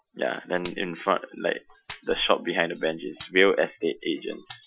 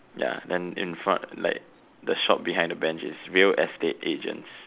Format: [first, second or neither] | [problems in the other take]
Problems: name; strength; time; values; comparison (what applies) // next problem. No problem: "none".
second | noise reduction (classical method Wiener filter)